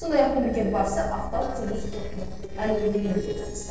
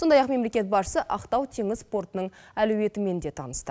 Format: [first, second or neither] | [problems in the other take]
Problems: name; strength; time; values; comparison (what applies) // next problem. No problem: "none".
second | noise reduction (neural separator model SepFormer DNS4)